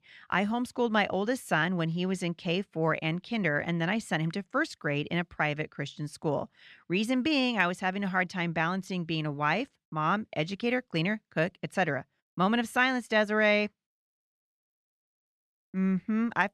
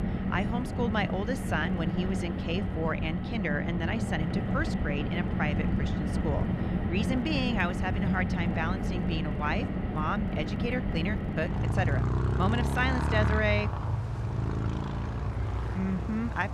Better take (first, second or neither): first